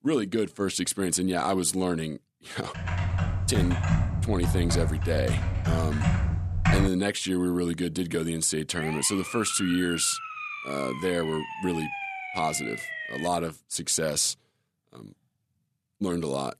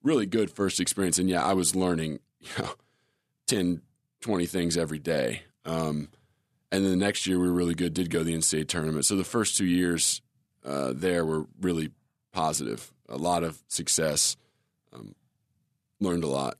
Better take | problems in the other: second | keyboard typing; loud; from 3 to 7 s; peak 4 dB above the speech // siren; noticeable; from 9 to 13 s; peak 5 dB below the speech

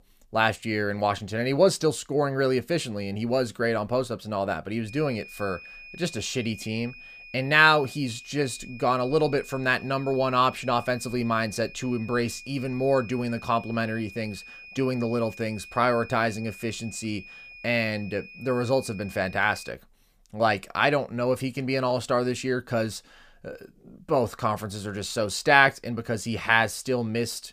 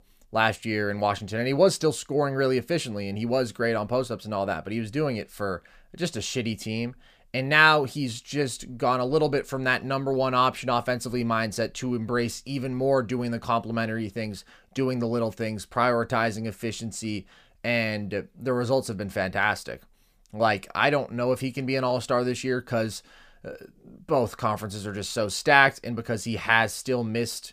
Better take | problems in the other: second | high-pitched whine; noticeable; from 5 to 20 s; 2.5 kHz, 15 dB below the speech

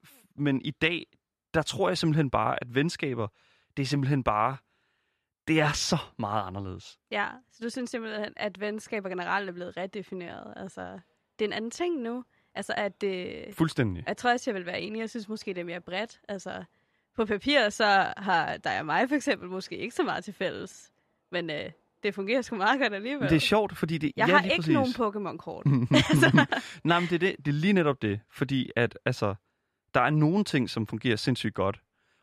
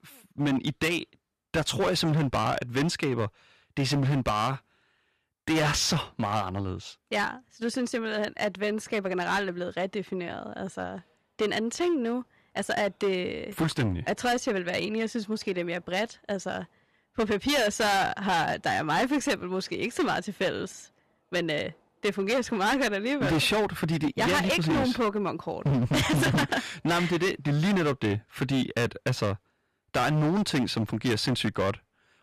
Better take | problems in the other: first | distortion; heavy; 13% of the sound clipped

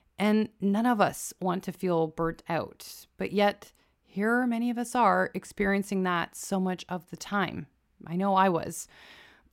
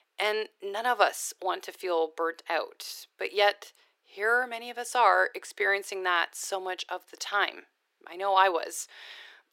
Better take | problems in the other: first | thin; very; fading below 400 Hz

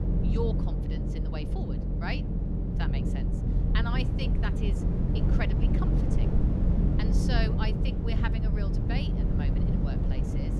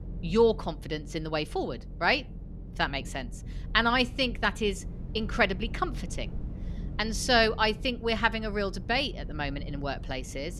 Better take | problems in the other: second | low rumble; loud; throughout; as loud as the speech; faint in the second

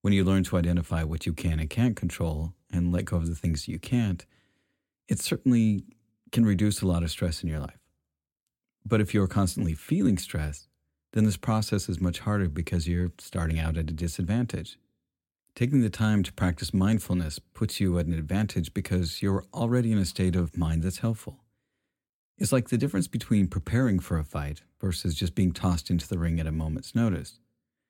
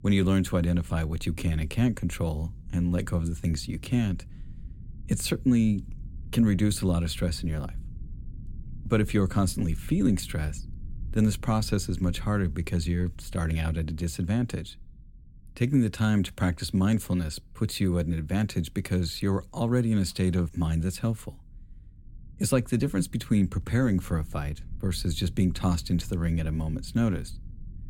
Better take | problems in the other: first | low rumble; faint; throughout; 25 dB below the speech

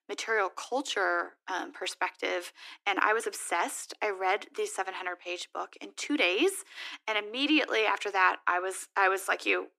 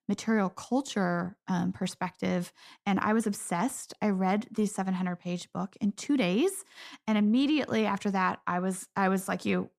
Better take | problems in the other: second | thin; very; fading below 300 Hz

